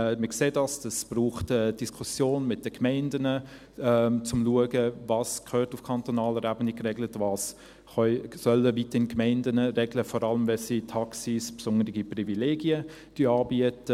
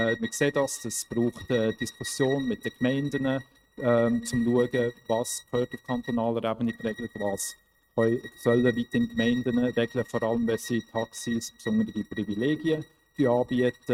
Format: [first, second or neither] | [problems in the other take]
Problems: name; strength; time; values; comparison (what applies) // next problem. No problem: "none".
first | noise reduction (neural mask model RNNoise)